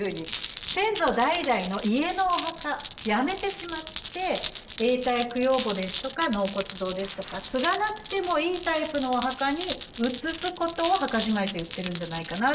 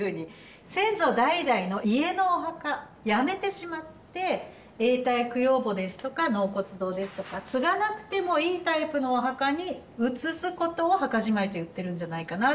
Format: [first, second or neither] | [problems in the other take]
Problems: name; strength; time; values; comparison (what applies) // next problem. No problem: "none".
second | background sound (Glass); 11 dB below the speech